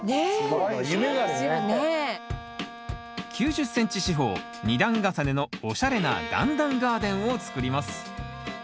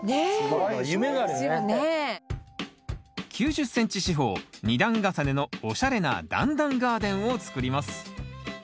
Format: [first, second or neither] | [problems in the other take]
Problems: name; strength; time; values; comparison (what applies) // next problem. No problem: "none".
second | background sound (Bowed string instrument); 13 dB below the speech